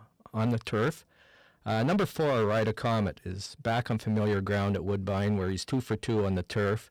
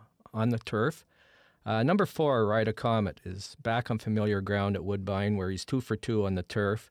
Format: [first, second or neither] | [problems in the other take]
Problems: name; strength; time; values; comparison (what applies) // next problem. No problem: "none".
second | distortion; slight; 10% of the sound clipped